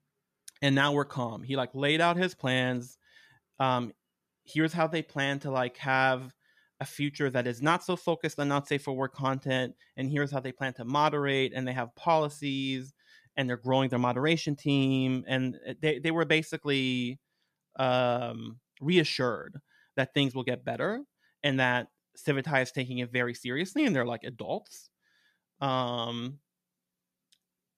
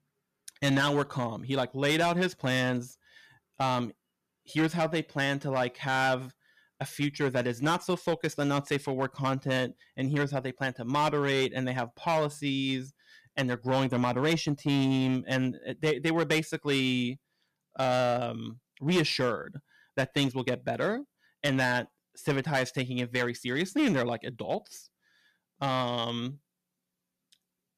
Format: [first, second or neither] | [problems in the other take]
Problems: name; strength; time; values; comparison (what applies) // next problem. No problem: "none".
first | distortion; slight; 5% of the sound clipped